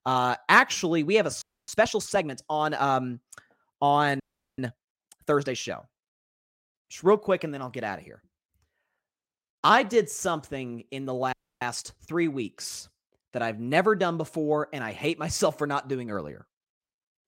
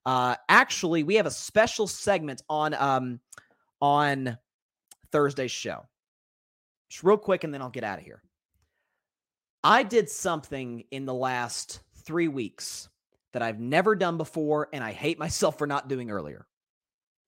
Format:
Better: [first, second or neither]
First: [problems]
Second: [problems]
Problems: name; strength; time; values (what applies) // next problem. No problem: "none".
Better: second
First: audio freezing; at 1.5 s, at 4 s and at 11 s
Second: none